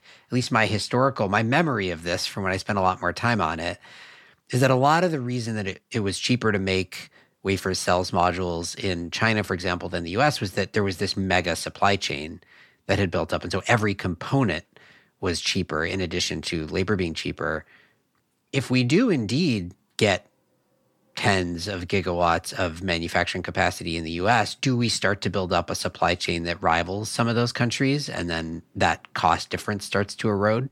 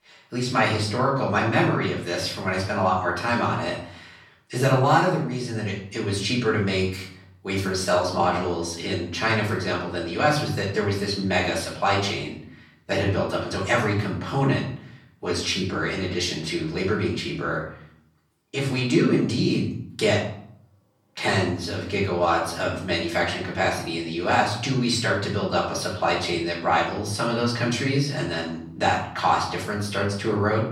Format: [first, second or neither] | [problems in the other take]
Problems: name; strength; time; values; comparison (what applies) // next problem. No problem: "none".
first | off-mic speech; far // room echo; noticeable; dies away in 0.5 s